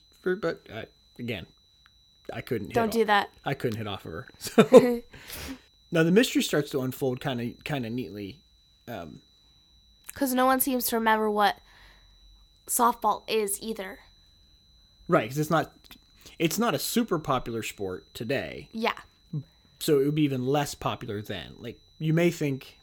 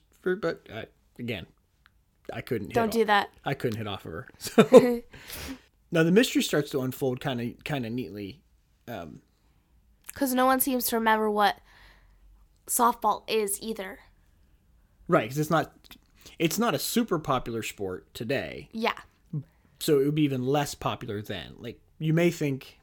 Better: second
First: high-pitched whine; faint; throughout; 4 kHz, 35 dB below the speech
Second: none

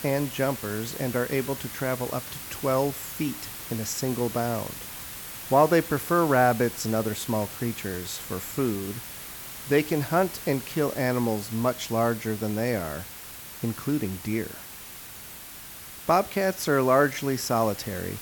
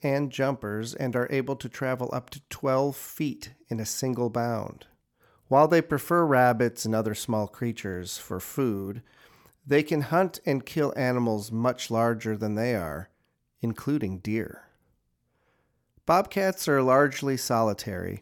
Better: second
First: hiss; noticeable; throughout; 10 dB below the speech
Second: none

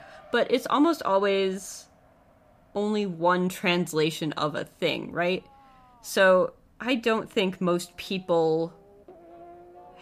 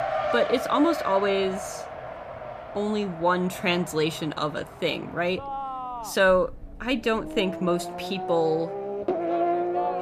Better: first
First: traffic noise; faint; throughout; 30 dB below the speech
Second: traffic noise; loud; throughout; 6 dB below the speech

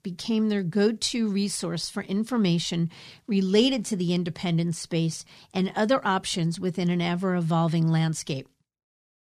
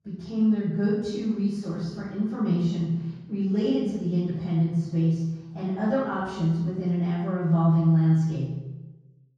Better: first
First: none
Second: room echo; strong; dies away in 1.3 s // off-mic speech; far

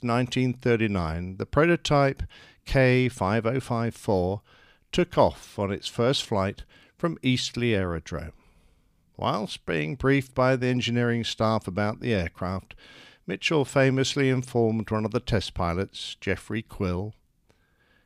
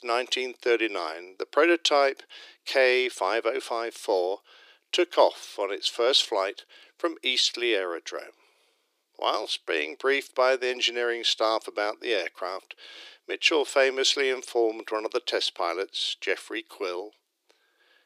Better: first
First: none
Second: thin; very; fading below 350 Hz

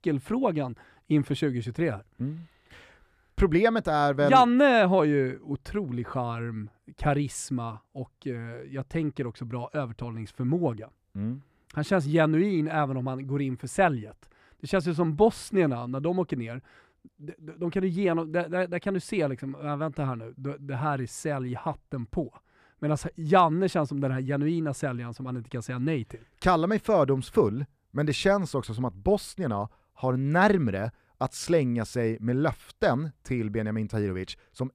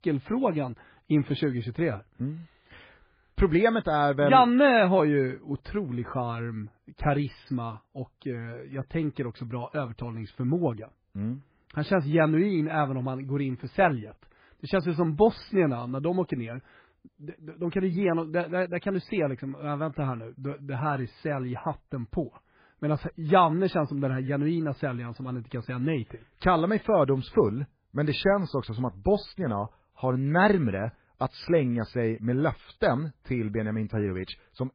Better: first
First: none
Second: garbled, watery; badly

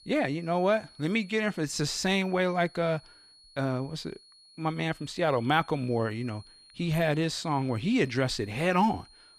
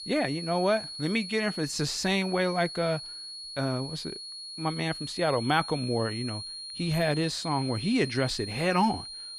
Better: first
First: high-pitched whine; faint; throughout; 4.5 kHz, 25 dB below the speech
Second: high-pitched whine; loud; throughout; 4.5 kHz, 8 dB below the speech

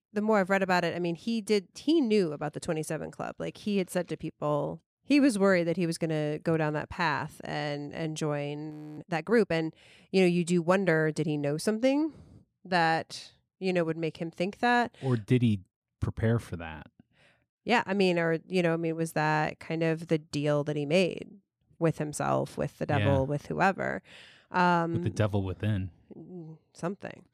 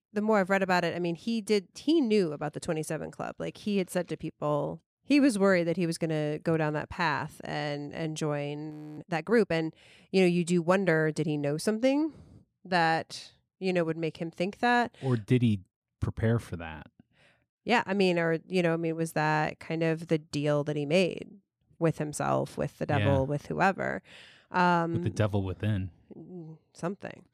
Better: neither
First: audio freezing; at 8.5 s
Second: audio freezing; at 8.5 s

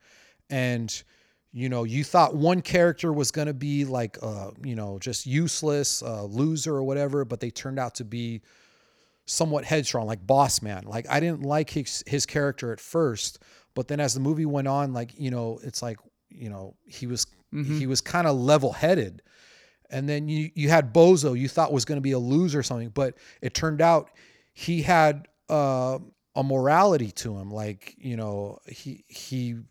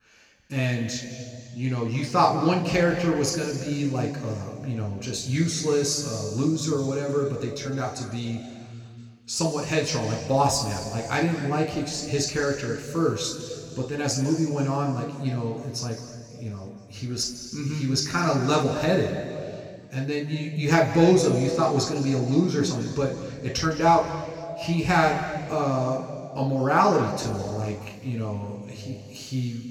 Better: first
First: none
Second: room echo; noticeable; dies away in 2.3 s // off-mic speech; somewhat distant

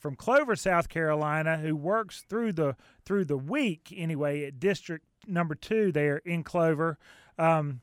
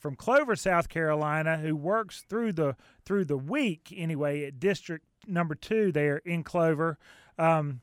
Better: neither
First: none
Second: none

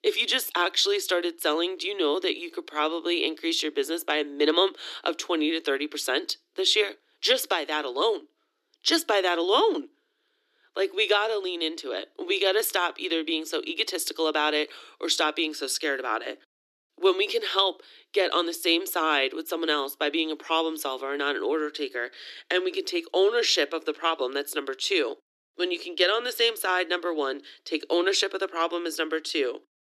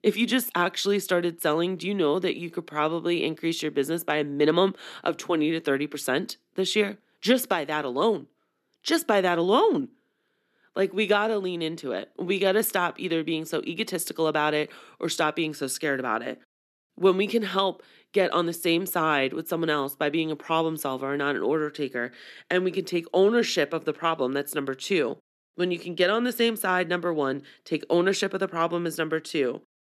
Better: second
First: thin; somewhat; fading below 300 Hz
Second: none

